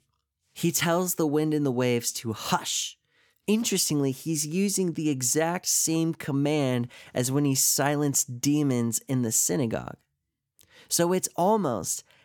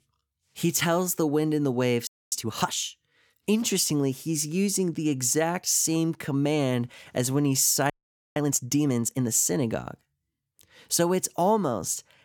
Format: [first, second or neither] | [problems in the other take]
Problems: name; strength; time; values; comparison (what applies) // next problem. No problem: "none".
first | audio freezing; at 2 s and at 8 s